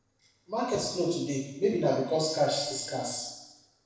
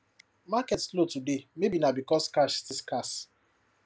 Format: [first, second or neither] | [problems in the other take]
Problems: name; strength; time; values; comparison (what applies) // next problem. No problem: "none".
second | noise reduction (neural separator model SepFormer DNS4)